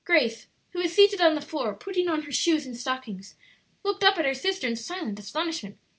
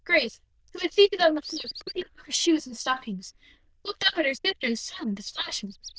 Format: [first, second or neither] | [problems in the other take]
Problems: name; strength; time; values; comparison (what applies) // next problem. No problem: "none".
first | noise reduction (neural diffusion model UNIVERSE++)